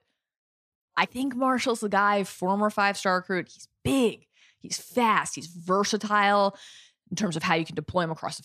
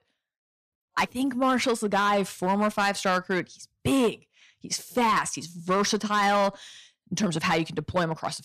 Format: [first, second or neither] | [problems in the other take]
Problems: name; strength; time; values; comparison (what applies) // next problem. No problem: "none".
first | distortion; slight; 6% of the sound clipped